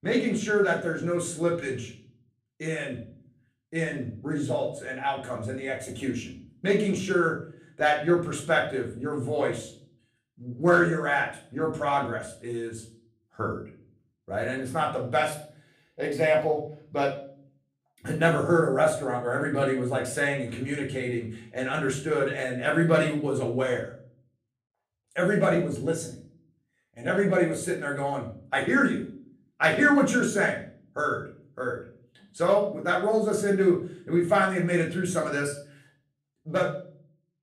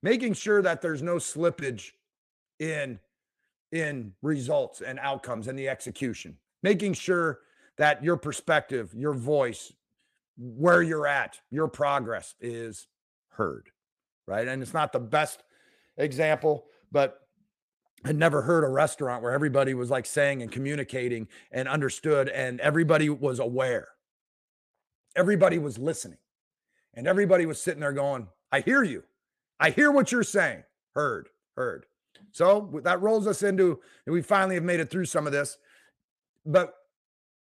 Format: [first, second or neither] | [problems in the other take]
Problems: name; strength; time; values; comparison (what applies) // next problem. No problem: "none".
second | room echo; slight; dies away in 0.4 s // off-mic speech; far